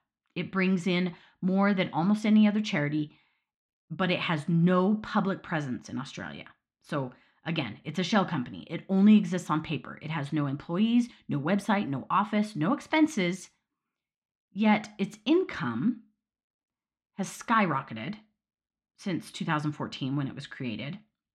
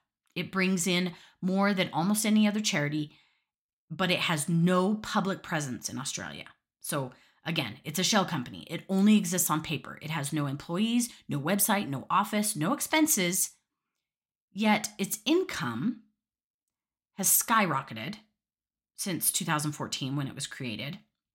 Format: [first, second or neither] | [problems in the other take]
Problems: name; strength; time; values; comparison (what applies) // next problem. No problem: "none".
second | muffled; slightly; fading above 3 kHz